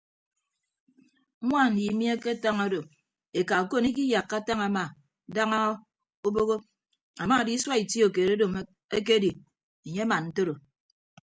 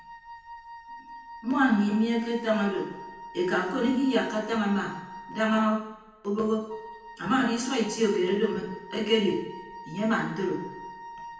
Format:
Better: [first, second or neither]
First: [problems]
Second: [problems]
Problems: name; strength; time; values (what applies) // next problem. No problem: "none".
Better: first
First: none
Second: background sound (Wind instrument, woodwind instrument); 16 dB below the speech // room echo; dies away in 0.9 s